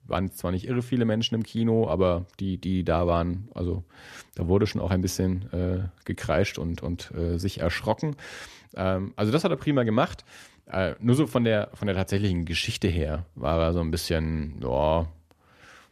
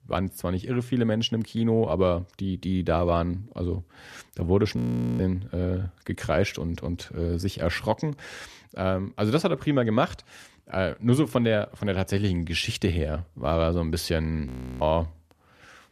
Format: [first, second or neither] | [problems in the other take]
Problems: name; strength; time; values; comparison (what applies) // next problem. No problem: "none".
first | audio freezing; at 5 s and at 14 s